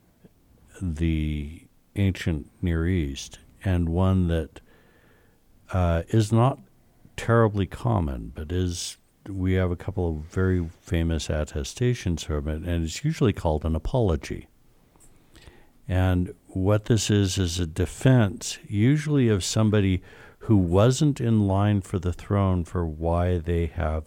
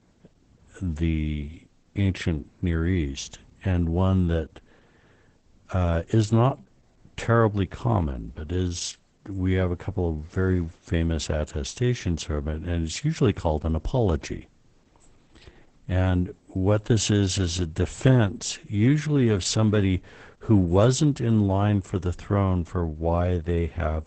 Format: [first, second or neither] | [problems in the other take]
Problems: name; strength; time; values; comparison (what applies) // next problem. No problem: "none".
first | garbled, watery; badly; nothing above 8 kHz